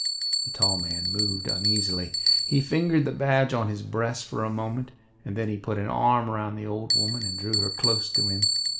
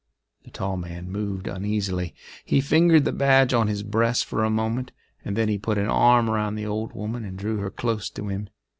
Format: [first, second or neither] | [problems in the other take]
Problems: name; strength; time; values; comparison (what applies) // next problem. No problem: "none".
second | background sound (Bell); 1 dB below the speech // room echo; dies away in 1.8 s